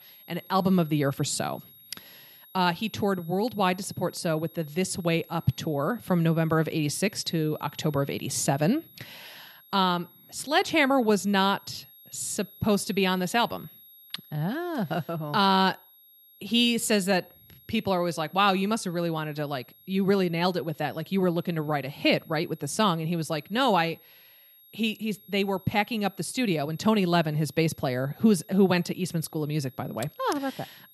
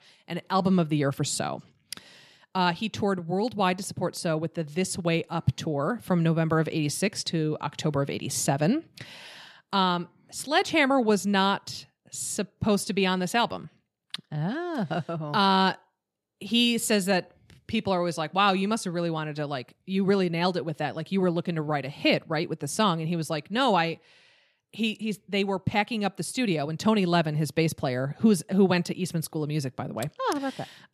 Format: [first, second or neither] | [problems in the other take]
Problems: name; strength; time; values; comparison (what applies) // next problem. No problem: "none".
second | high-pitched whine; faint; throughout; 11.5 kHz, 25 dB below the speech